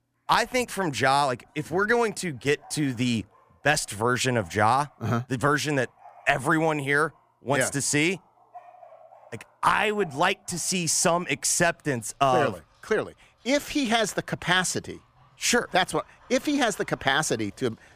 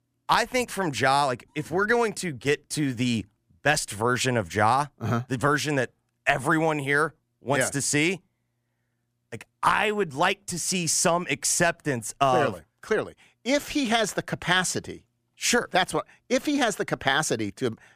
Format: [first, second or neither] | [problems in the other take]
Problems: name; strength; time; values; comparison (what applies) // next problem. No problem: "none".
second | animal sounds; faint; throughout; 30 dB below the speech